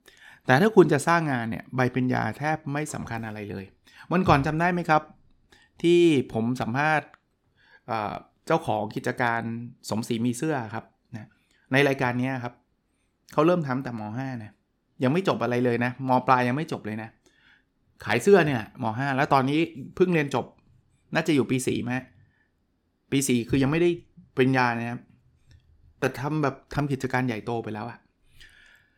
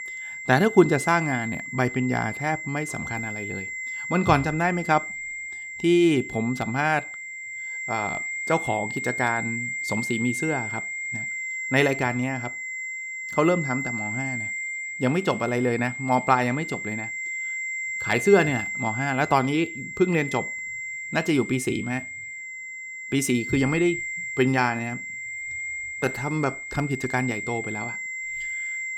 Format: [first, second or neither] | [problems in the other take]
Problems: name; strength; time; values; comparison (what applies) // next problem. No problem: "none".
first | high-pitched whine; loud; throughout; 2 kHz, 6 dB below the speech